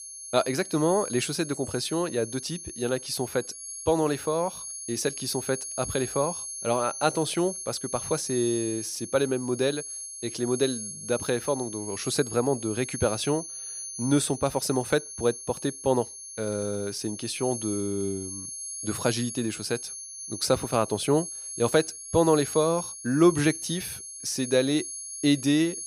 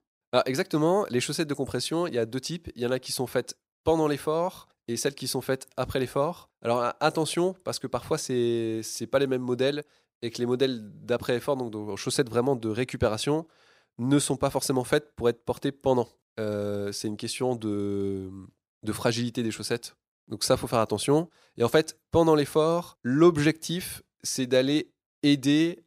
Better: second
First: high-pitched whine; loud; throughout; 10.5 kHz, 8 dB below the speech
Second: none

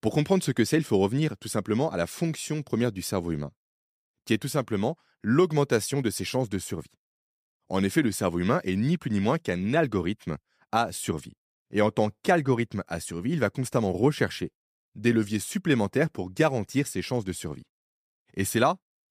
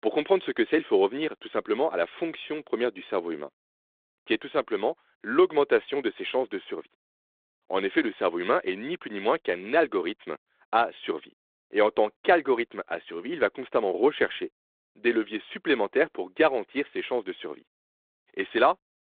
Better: first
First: none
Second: phone-call audio

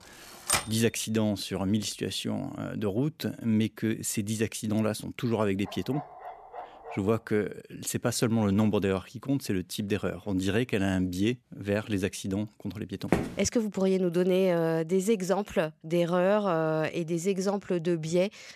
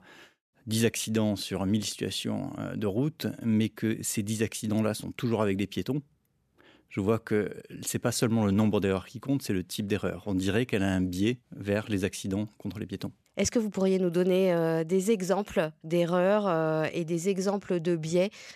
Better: second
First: keyboard typing; loud; at 0.5 s; peak 1 dB above the speech // dog barking; faint; from 5.5 to 7 s; peak 15 dB below the speech // footsteps; noticeable; at 13 s; peak 1 dB below the speech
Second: none

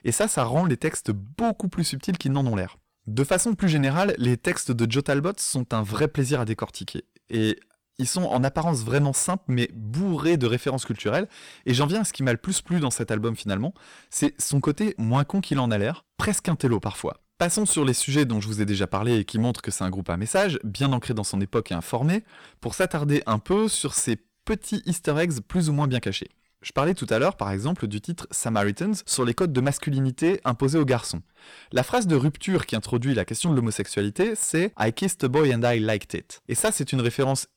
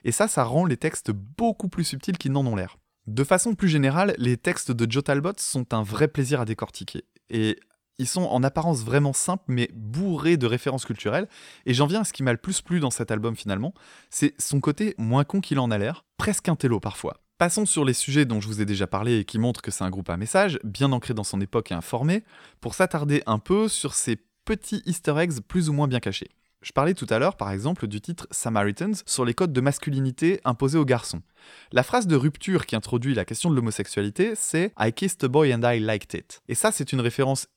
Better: second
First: distortion; slight; 5% of the sound clipped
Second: none

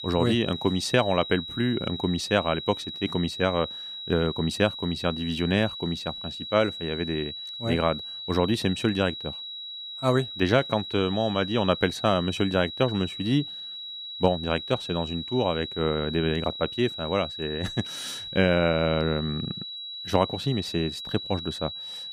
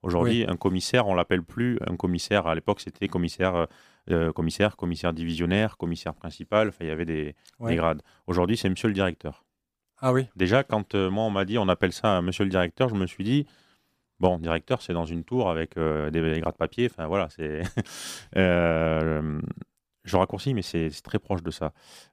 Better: second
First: high-pitched whine; loud; throughout; 4 kHz, 8 dB below the speech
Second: none

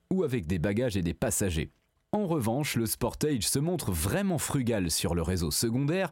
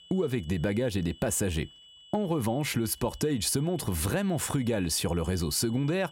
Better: first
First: none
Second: high-pitched whine; faint; throughout; 3 kHz, 20 dB below the speech

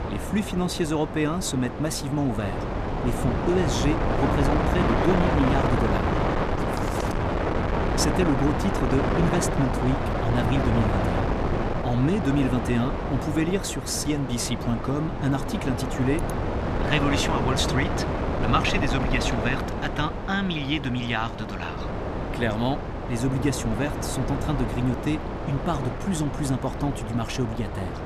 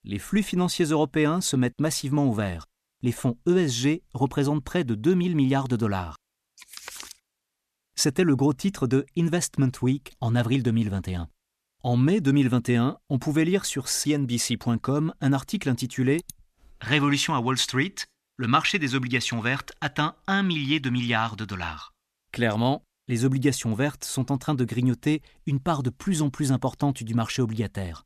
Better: second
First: wind noise on the microphone; heavy; as loud as the speech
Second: none

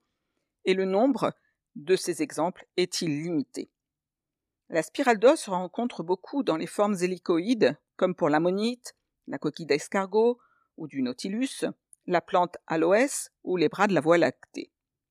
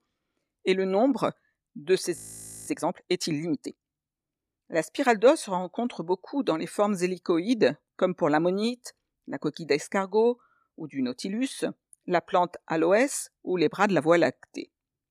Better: first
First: none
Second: audio freezing; at 2 s for 0.5 s

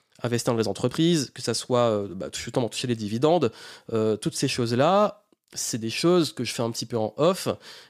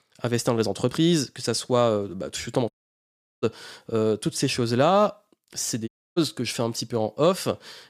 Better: first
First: none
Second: audio cutting out; at 2.5 s for 0.5 s and at 6 s

